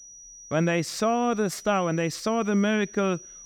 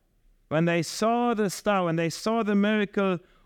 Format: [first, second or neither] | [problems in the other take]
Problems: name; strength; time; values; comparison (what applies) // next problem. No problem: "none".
second | high-pitched whine; noticeable; throughout; 6 kHz, 20 dB below the speech